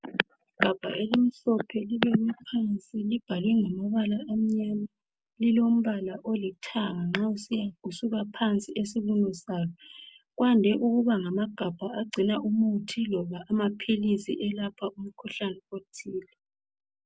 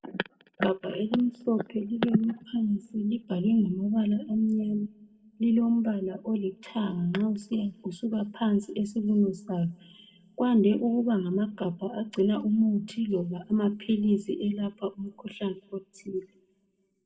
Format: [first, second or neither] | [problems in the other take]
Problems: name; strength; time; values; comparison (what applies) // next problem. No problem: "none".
first | room echo; dies away in 1.4 s